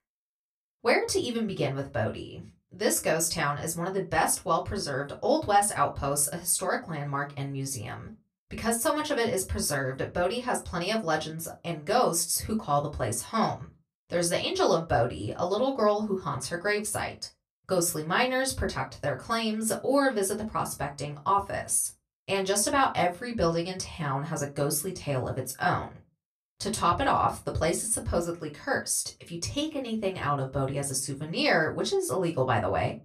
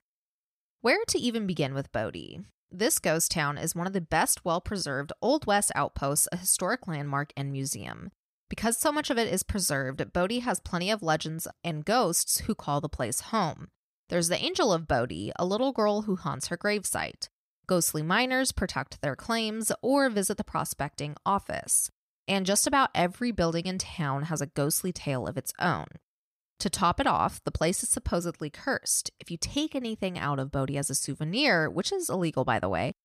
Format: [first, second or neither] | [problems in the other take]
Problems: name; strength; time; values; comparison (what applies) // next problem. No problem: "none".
second | off-mic speech; far // room echo; very slight; dies away in 0.2 s